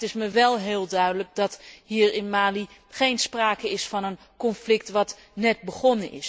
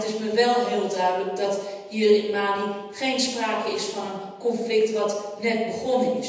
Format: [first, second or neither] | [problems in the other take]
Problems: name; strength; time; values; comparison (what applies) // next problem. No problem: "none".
first | room echo; dies away in 1.1 s